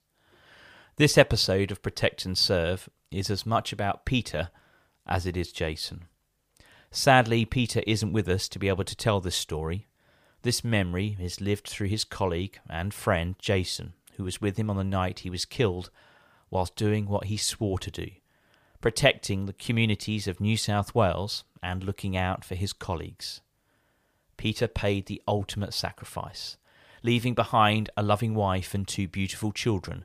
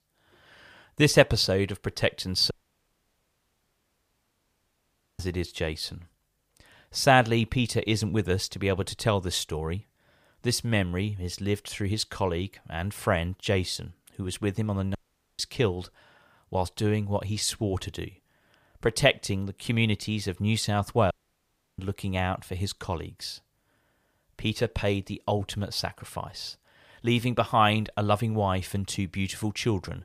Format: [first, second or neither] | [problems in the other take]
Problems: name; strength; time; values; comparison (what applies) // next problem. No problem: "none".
first | audio cutting out; at 2.5 s for 2.5 s, at 15 s and at 21 s for 0.5 s